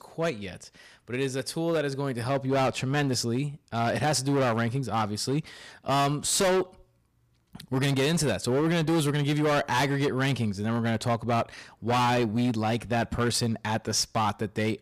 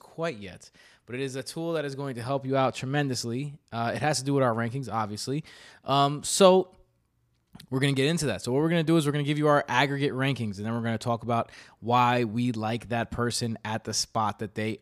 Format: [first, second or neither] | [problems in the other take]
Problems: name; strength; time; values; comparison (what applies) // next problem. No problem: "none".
second | distortion; heavy; 13% of the sound clipped